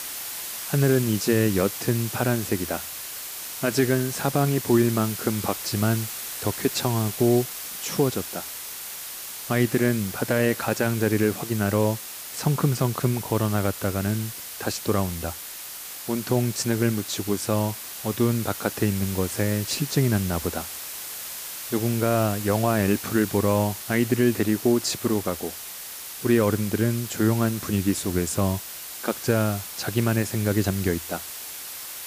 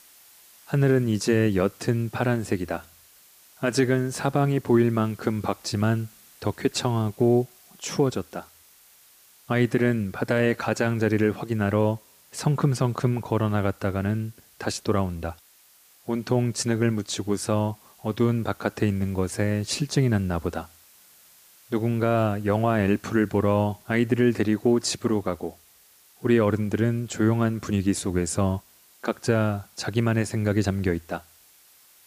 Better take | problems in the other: second | hiss; loud; throughout; 8 dB below the speech; faint in the second

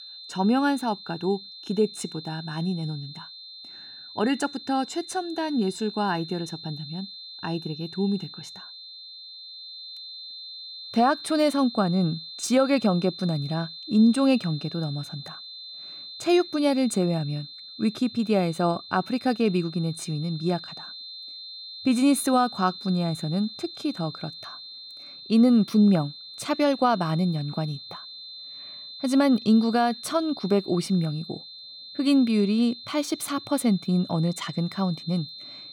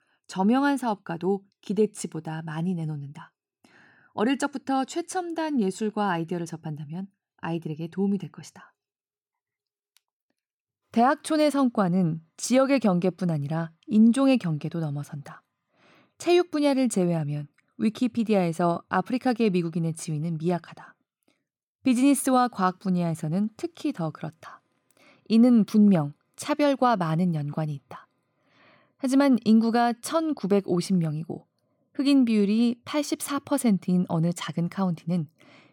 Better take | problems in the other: second | high-pitched whine; noticeable; throughout; 4 kHz, 15 dB below the speech

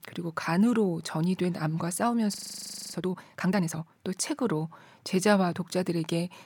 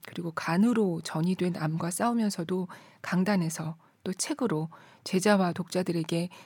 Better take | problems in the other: second | audio freezing; at 2.5 s for 0.5 s

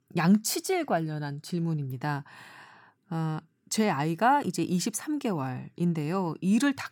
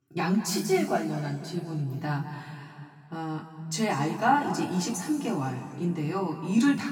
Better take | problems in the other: first | room echo; noticeable; dies away in 2.1 s // off-mic speech; far

